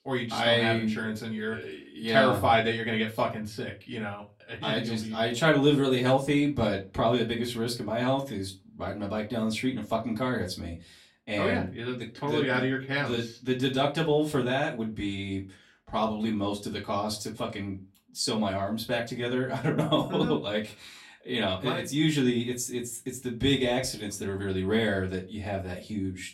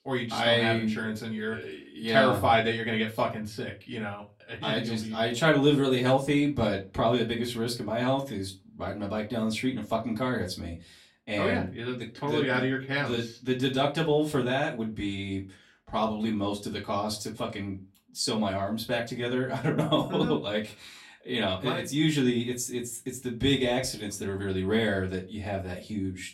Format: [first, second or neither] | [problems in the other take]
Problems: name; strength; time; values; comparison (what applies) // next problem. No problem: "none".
neither | off-mic speech; far; the same in both // room echo; very slight; dies away in 0.2 s; the same in both